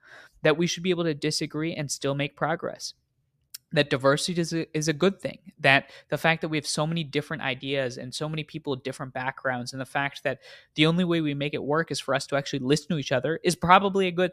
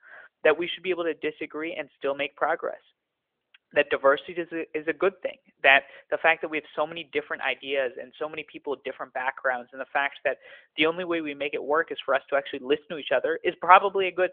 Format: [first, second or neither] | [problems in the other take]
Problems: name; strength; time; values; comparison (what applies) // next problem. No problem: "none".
first | phone-call audio; nothing above 3.5 kHz